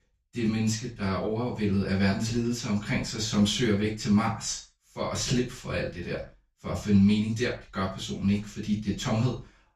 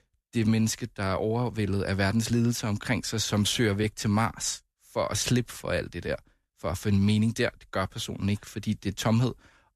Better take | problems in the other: second | room echo; noticeable; dies away in 0.3 s // off-mic speech; far

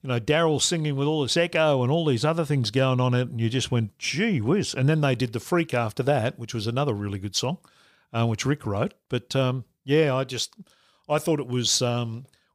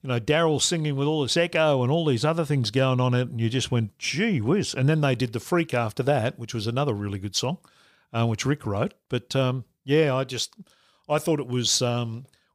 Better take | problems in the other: neither | none

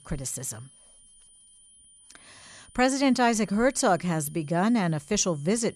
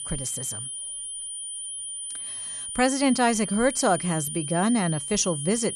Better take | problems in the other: first | high-pitched whine; loud; throughout; 9.5 kHz, 7 dB below the speech; faint in the first

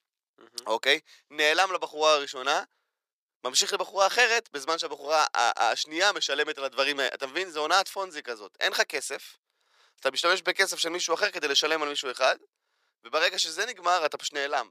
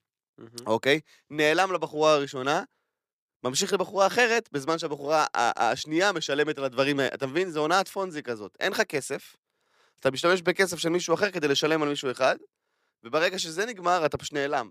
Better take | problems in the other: second | thin; somewhat; fading below 550 Hz

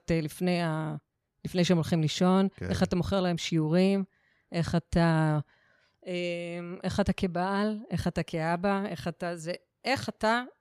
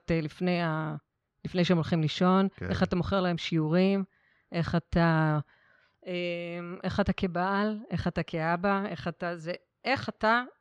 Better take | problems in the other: first | muffled; very slightly; fading above 3.5 kHz

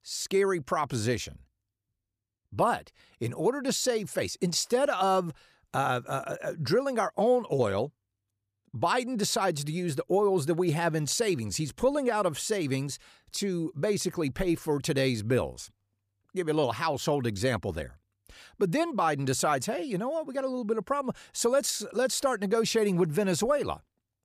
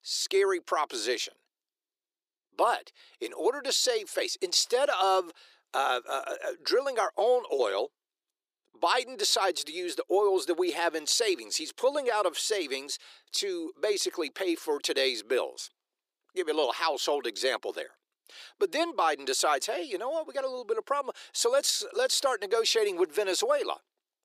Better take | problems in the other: first | thin; very; fading below 350 Hz

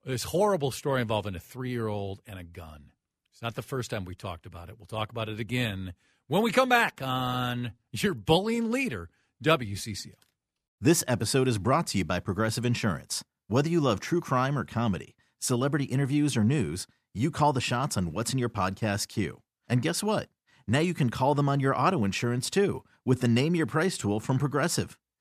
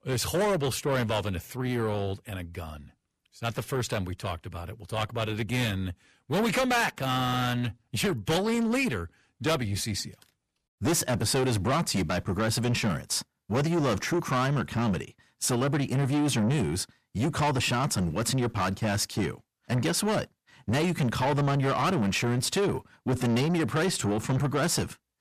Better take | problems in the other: first | distortion; heavy; 7 dB below the speech

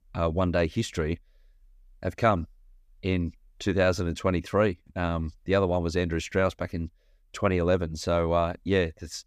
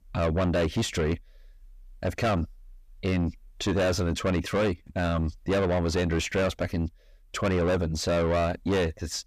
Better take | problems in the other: first | distortion; heavy; 6 dB below the speech

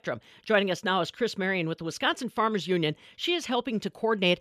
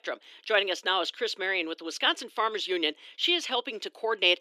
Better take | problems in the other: first | thin; very; fading below 300 Hz

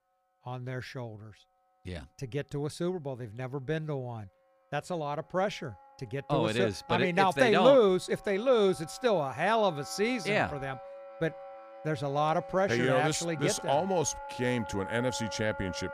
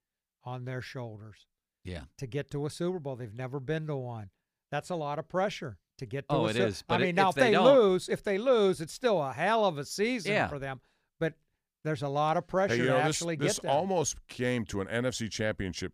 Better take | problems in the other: second | background music; noticeable; throughout; 15 dB below the speech

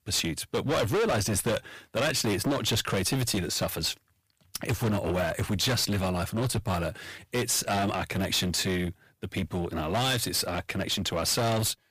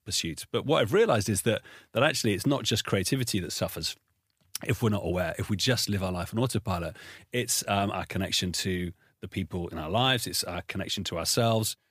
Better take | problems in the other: second | distortion; heavy; 17% of the sound clipped

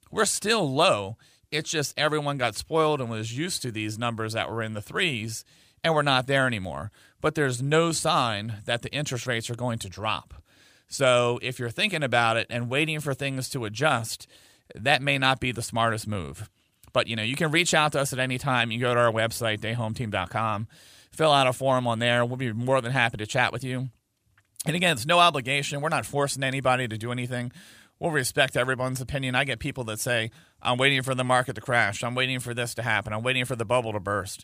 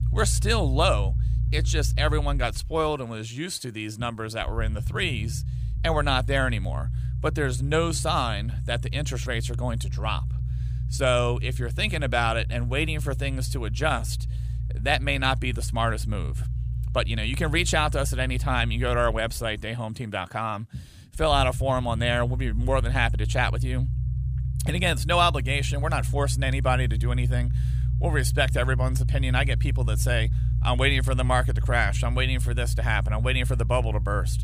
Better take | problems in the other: first | low rumble; noticeable; throughout; 15 dB below the speech

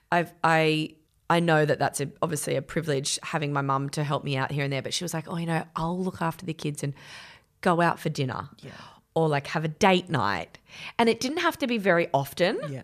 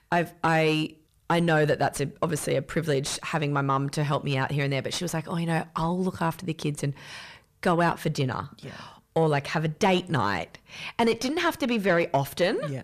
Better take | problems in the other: first | distortion; slight; 10 dB below the speech

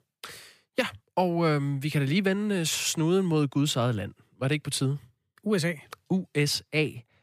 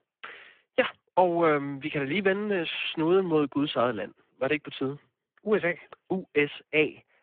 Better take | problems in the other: first | phone-call audio; poor line

